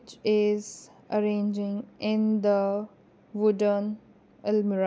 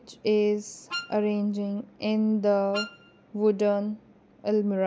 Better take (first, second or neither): first